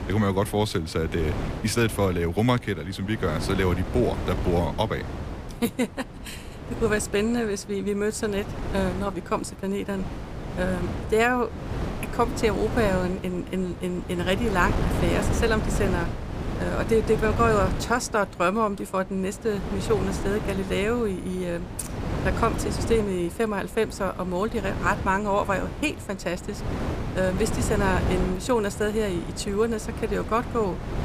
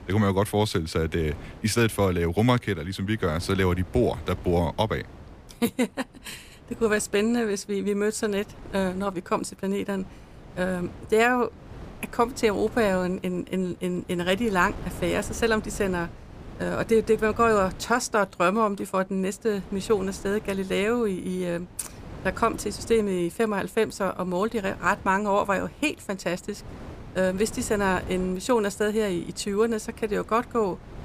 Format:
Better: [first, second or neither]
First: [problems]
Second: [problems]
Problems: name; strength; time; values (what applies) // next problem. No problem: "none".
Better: second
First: wind noise on the microphone; heavy; 9 dB below the speech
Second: wind noise on the microphone; occasional gusts; 20 dB below the speech